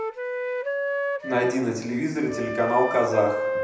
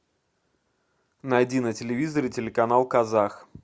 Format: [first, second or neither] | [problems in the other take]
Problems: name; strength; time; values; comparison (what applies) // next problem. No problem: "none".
second | background sound (Wind instrument, woodwind instrument); 3 dB below the speech // room echo; dies away in 0.8 s